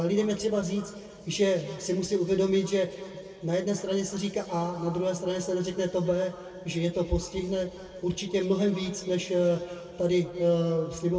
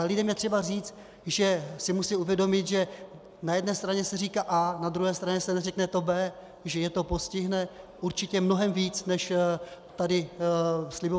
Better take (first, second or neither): second